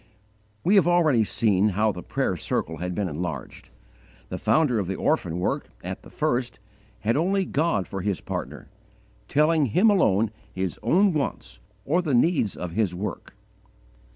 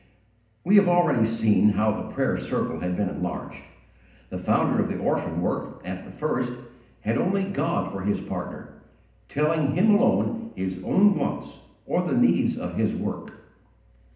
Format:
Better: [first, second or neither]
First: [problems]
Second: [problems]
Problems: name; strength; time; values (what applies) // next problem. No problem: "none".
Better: first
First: none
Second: room echo; dies away in 0.8 s